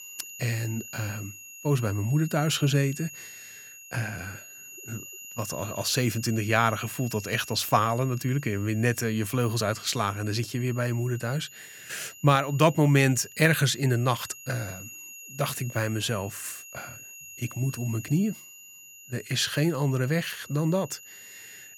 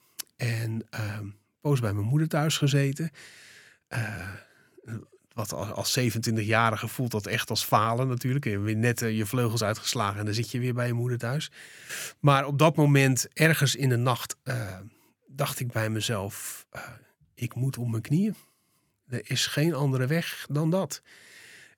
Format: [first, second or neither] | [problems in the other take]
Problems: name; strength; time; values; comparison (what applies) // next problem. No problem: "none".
second | high-pitched whine; noticeable; throughout; 6.5 kHz, 15 dB below the speech